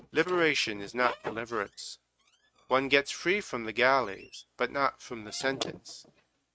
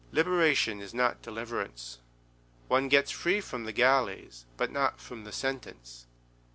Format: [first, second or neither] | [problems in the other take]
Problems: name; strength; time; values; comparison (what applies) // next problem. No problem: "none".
second | noise reduction (neural mask model RNNoise)